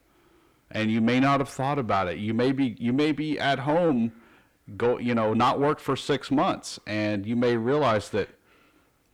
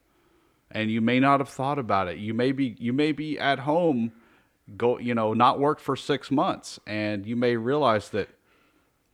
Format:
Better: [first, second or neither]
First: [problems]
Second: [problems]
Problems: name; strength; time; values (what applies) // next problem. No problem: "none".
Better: second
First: distortion; slight; 10 dB below the speech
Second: none